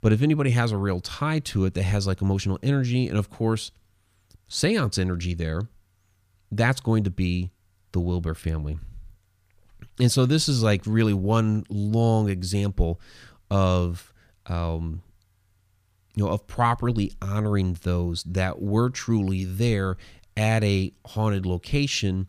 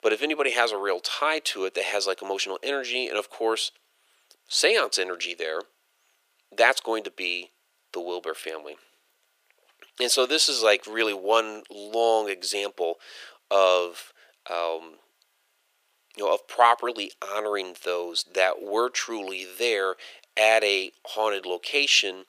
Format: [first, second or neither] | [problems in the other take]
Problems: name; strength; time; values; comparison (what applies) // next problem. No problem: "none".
first | thin; very; fading below 400 Hz